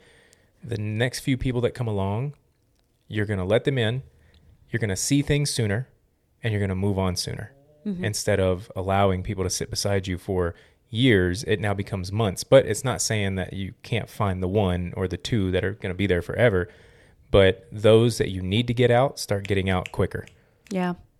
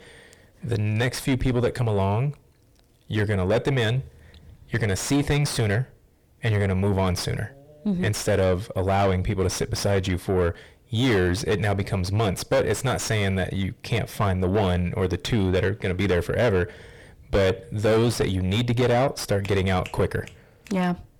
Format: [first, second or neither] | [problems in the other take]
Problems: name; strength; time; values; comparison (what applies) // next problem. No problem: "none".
first | distortion; heavy; 5 dB below the speech